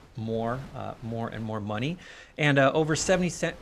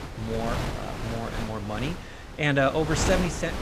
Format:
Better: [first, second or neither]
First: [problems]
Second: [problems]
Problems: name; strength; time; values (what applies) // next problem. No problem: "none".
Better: first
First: wind noise on the microphone; occasional gusts; 25 dB below the speech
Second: wind noise on the microphone; heavy; 6 dB below the speech